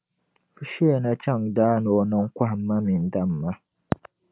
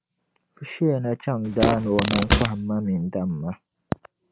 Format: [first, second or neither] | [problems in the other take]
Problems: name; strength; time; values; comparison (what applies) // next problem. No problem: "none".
first | background sound (Fart + Cupboard open or close / Drawer open or close); 1 dB above the speech